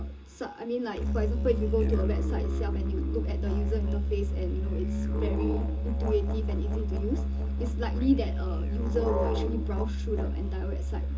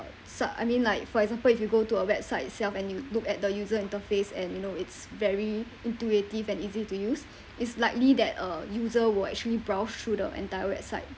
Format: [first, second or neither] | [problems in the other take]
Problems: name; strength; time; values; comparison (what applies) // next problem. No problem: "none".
second | background sound (Musical instrument); 5 dB above the speech // room echo; dies away in 0.2 s